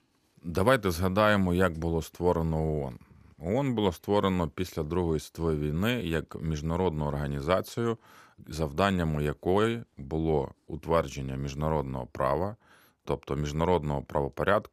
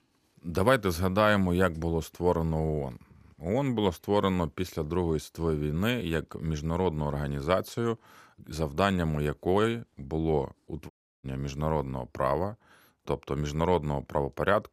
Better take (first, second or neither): first